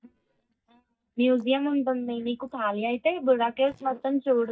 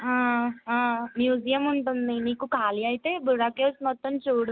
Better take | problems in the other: second | noise reduction (neural mask model DeepFilterNet 3)

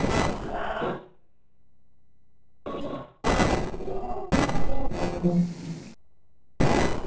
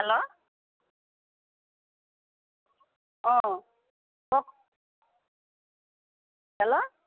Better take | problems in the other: second | noise reduction (neural separator model SepFormer DNS4)

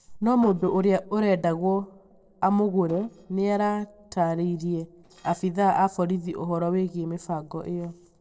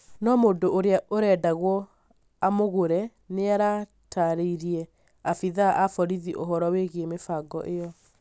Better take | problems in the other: second | noise reduction (neural separator model SepFormer DNS4)

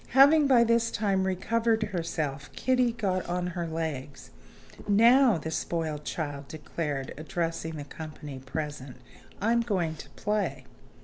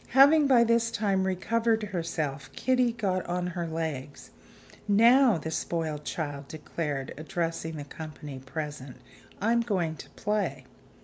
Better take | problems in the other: second | background sound (Liquid); 16 dB below the speech

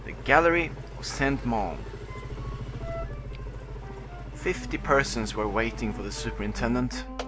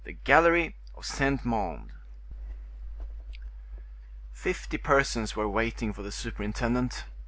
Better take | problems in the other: second | background sound (Engine); 10 dB below the speech

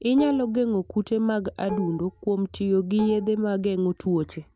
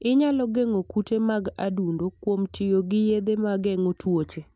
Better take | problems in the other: second | background sound (Dishes, pots, and pans); 15 dB below the speech

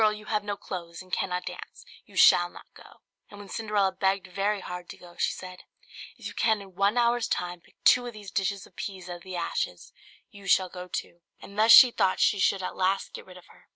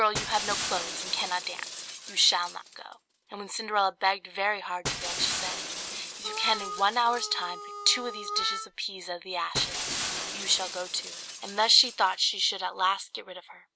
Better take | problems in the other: first | background sound (Harmonica + Shatter); 8 dB below the speech

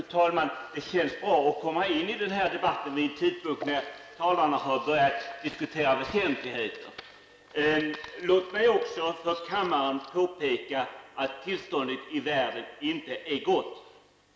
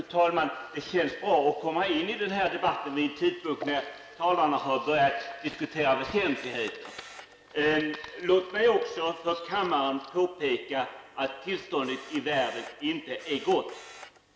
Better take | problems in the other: first | background sound (Camera); 20 dB below the speech

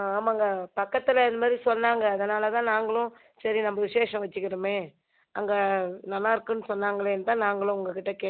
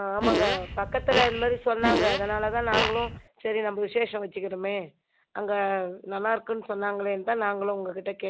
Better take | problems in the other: first | background sound (Fart); as loud as the speech

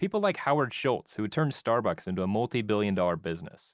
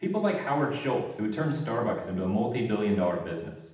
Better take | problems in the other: first | room echo; dies away in 0.8 s

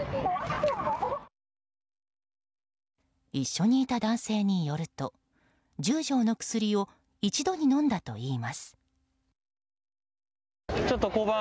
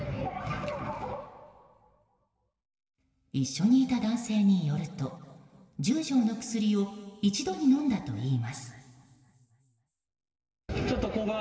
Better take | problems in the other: first | room echo; dies away in 2.3 s

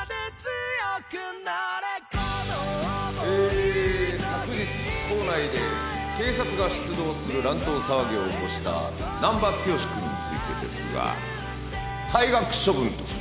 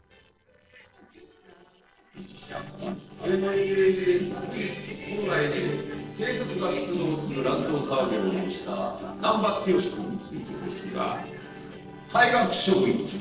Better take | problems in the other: first | noise reduction (neural separator model SepFormer DNS4)

